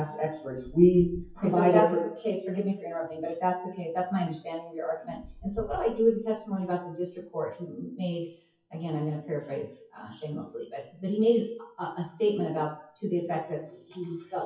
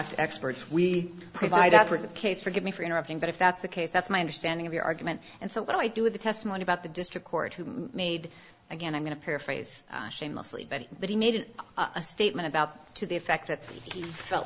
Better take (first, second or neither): second